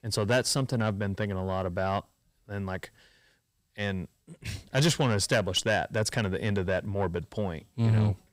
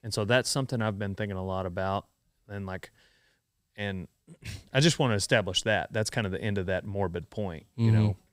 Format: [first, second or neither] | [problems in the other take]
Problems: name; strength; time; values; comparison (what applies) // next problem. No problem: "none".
second | distortion; slight; 10 dB below the speech